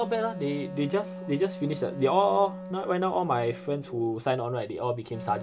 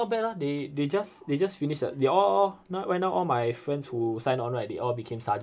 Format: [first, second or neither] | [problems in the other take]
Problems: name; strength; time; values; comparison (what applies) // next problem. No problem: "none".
second | background sound (Wind instrument, woodwind instrument); 12 dB below the speech